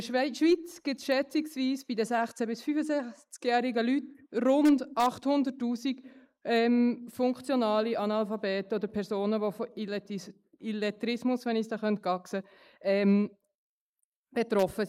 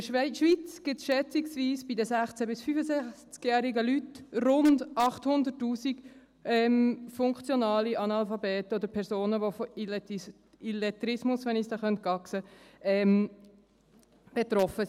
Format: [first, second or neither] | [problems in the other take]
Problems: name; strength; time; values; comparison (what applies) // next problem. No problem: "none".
second | noise reduction (neural mask model Resemble Enhance denoiser)